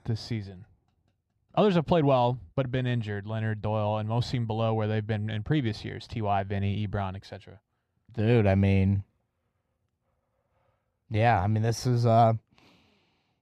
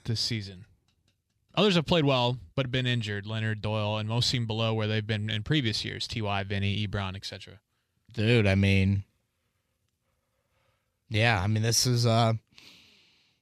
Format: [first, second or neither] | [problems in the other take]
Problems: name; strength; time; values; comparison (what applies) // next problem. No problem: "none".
second | muffled; very; fading above 2 kHz